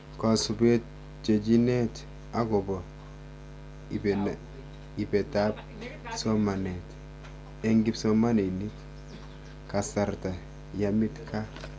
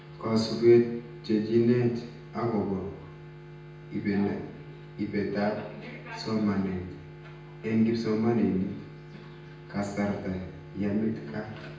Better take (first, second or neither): first